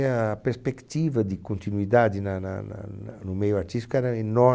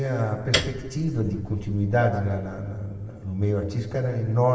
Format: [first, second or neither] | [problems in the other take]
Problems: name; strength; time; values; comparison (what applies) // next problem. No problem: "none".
first | background sound (Piano); 8 dB below the speech // room echo; dies away in 1.3 s